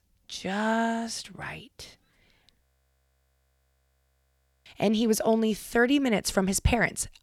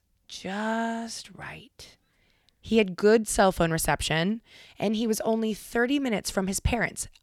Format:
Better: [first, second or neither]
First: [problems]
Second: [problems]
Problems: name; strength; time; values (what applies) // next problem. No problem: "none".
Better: second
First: audio freezing; at 2.5 s for 2 s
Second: none